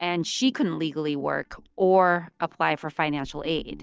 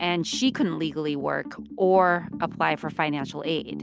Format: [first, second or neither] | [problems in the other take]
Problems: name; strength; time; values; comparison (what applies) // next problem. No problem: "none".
second | noise reduction (neural mask model DeepFilterNet 3)